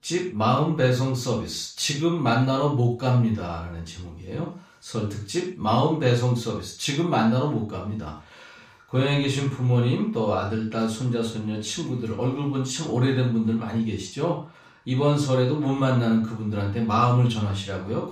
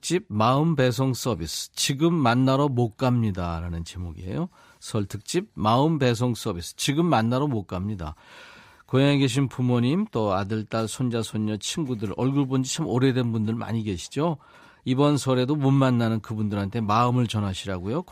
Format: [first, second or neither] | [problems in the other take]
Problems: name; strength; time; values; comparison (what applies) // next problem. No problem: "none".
second | room echo; noticeable; dies away in 0.4 s // off-mic speech; far